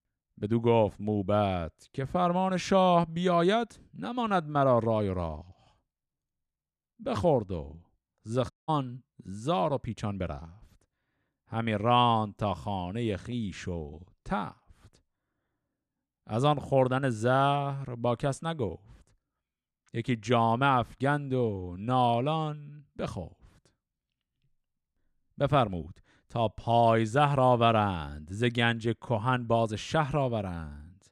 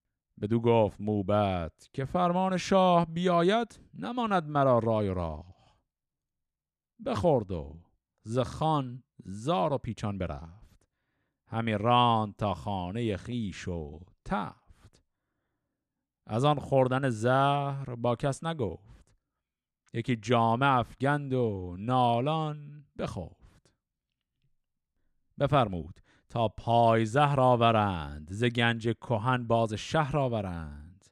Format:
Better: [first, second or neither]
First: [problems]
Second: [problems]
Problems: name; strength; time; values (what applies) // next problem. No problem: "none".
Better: second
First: audio cutting out; at 8.5 s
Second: none